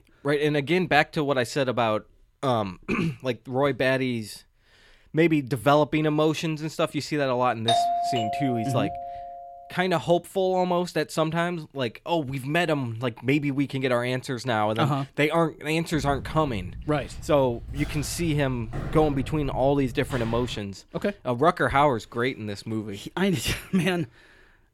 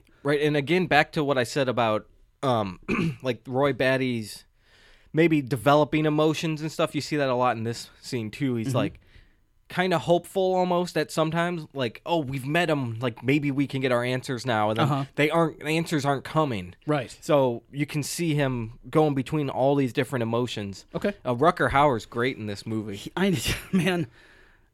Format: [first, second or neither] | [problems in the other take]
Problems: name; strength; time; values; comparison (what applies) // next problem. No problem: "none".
second | doorbell; loud; from 7.5 to 9.5 s; peak 3 dB above the speech // footsteps; noticeable; from 16 to 21 s; peak 8 dB below the speech